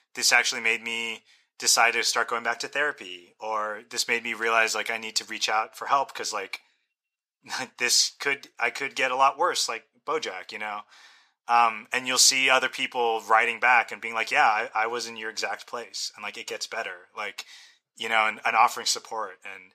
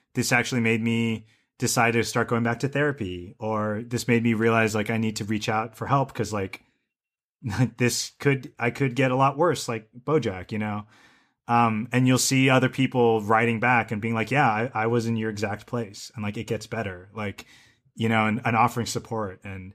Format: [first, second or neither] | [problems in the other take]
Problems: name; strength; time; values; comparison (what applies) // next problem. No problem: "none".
second | thin; very; fading below 800 Hz